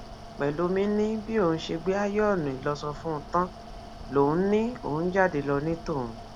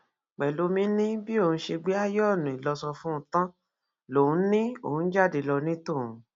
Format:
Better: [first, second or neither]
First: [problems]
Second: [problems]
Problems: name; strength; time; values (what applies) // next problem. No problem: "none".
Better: second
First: background sound (Mechanical fan); 14 dB below the speech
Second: none